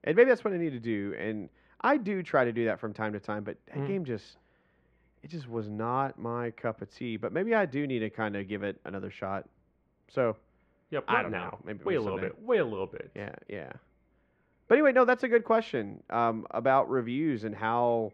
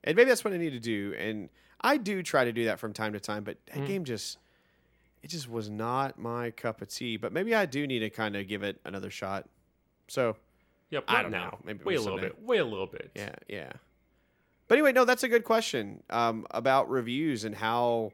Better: second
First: muffled; very; fading above 2 kHz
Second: none

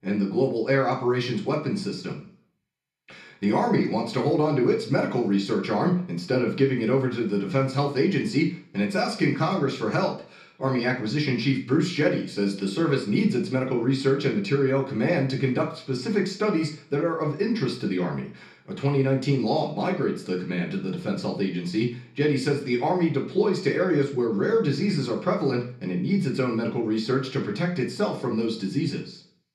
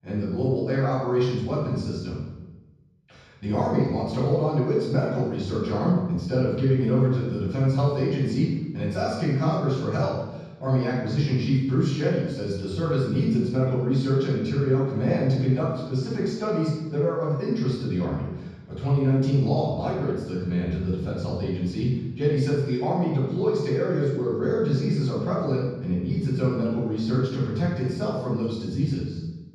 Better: first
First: room echo; slight; dies away in 0.4 s // off-mic speech; far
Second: room echo; strong; dies away in 1.3 s // off-mic speech; far

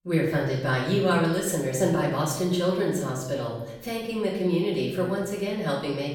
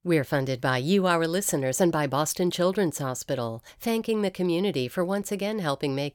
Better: second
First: off-mic speech; far // room echo; noticeable; dies away in 0.9 s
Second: none

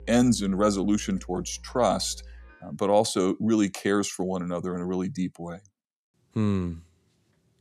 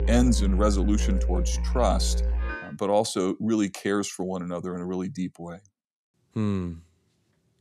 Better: first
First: background music; faint; until 2.5 s; 20 dB below the speech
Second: background music; loud; until 2.5 s; as loud as the speech

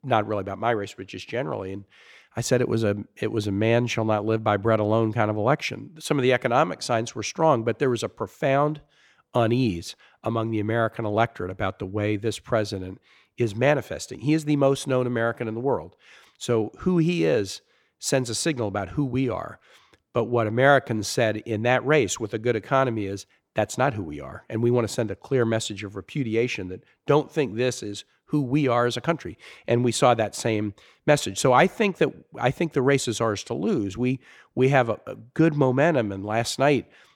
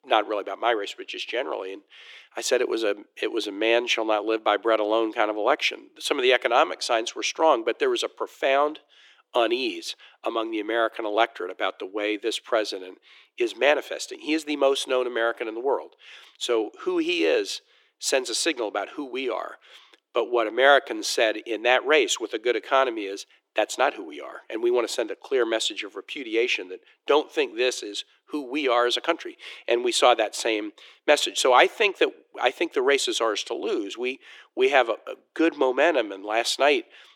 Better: first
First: none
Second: thin; very; fading below 350 Hz

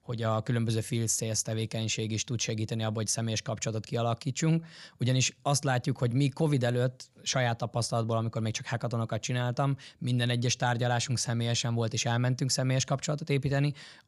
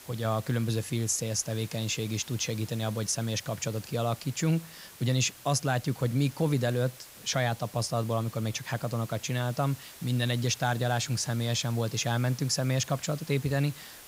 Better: first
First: none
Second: hiss; noticeable; throughout; 15 dB below the speech

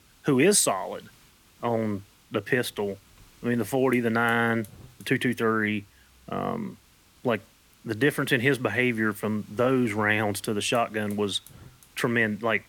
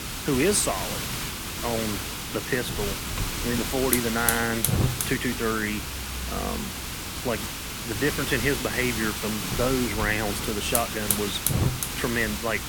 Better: first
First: hiss; faint; throughout; 30 dB below the speech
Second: hiss; loud; throughout; as loud as the speech

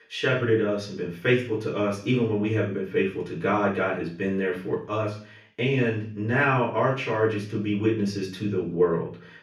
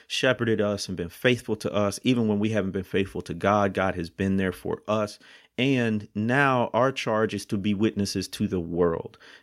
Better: second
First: room echo; noticeable; dies away in 0.5 s // off-mic speech; far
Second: none

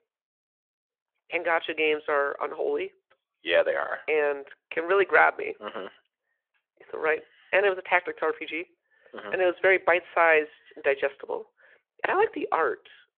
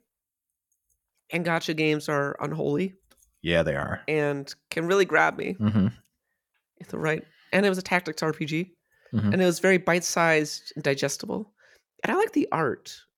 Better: second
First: phone-call audio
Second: none

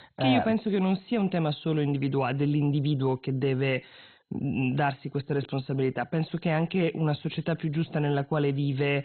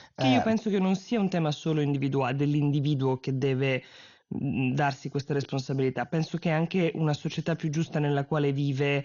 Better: second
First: garbled, watery; badly; nothing above 4 kHz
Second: garbled, watery; slightly; nothing above 6.5 kHz

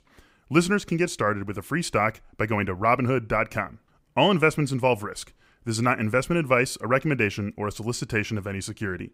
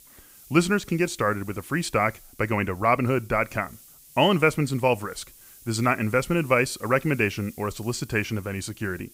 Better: first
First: none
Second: hiss; faint; throughout; 25 dB below the speech

